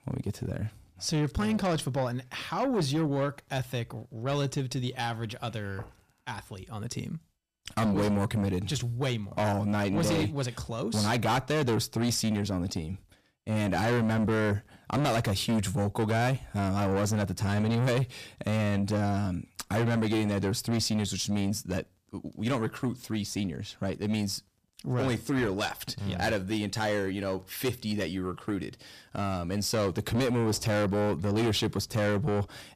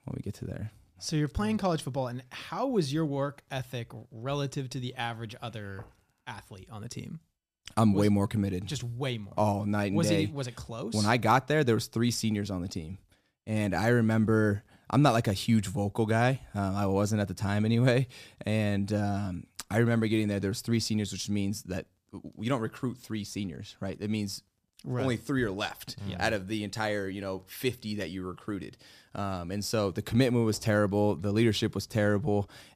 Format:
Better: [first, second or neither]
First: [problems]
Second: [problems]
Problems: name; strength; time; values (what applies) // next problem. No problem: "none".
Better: second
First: distortion; heavy; 7 dB below the speech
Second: none